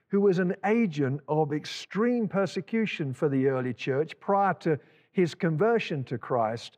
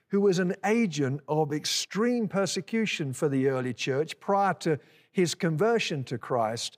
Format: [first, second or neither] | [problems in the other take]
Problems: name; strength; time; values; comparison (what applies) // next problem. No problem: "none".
second | muffled; slightly; fading above 4 kHz